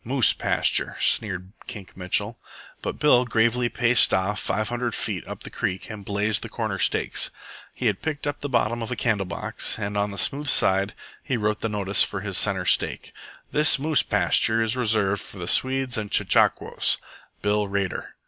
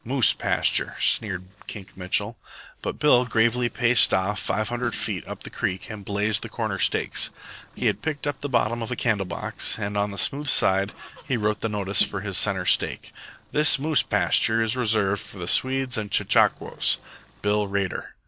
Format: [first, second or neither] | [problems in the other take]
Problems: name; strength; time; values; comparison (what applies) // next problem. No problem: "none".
first | noise reduction (neural separator model SepFormer DNS4)